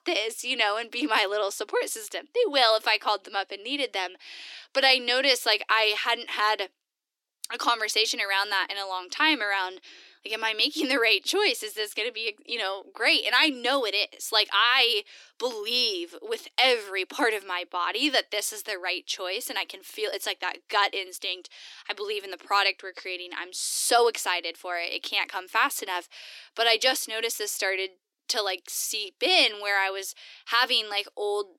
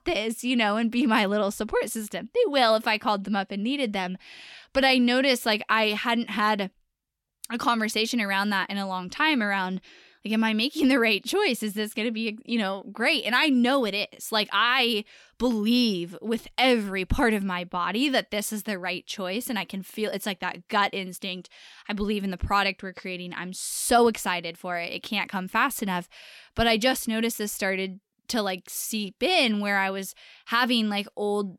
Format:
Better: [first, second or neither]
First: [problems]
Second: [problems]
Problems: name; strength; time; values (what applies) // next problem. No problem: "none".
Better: second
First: thin; somewhat; fading below 300 Hz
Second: none